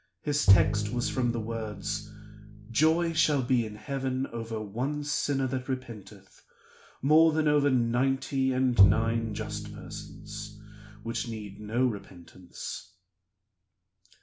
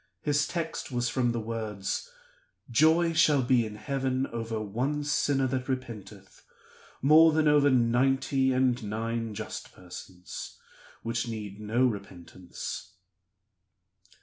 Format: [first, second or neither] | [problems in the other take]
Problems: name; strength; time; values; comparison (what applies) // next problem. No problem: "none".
second | background sound (Bowed string instrument); as loud as the speech